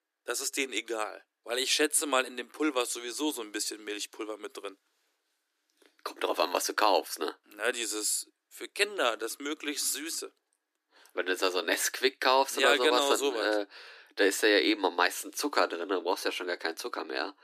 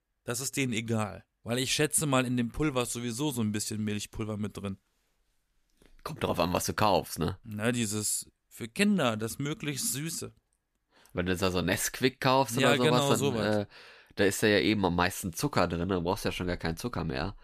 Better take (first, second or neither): second